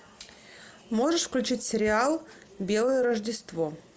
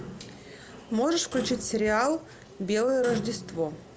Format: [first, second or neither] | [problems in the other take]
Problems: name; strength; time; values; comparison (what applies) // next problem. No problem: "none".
first | background sound (Clock); 14 dB below the speech